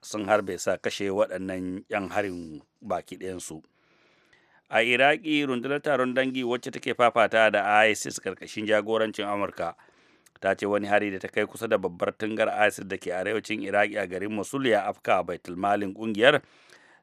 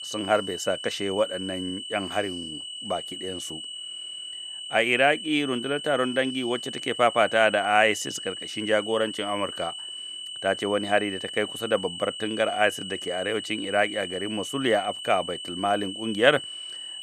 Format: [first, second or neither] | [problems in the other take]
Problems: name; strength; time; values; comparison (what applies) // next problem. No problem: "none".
first | high-pitched whine; loud; throughout; 3 kHz, 8 dB below the speech